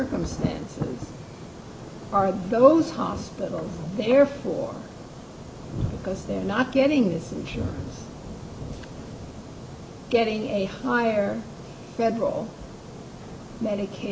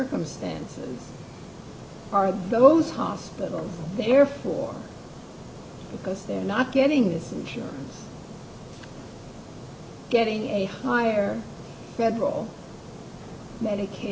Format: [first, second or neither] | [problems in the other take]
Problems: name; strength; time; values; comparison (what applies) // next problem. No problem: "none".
second | background sound (Thunder); 12 dB below the speech